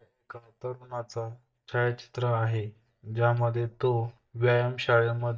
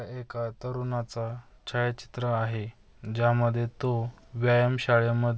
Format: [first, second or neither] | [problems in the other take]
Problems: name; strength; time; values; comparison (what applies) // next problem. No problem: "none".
second | noise reduction (neural mask model DeepFilterNet 3)